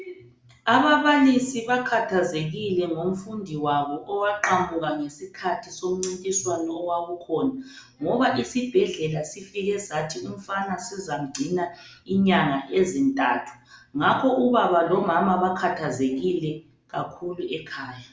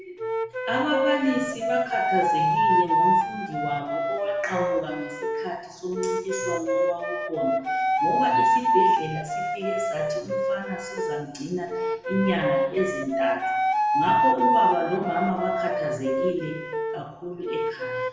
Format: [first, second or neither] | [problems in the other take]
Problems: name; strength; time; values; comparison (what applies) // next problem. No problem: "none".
first | background sound (Wind instrument, woodwind instrument); 4 dB above the speech // room echo; dies away in 0.9 s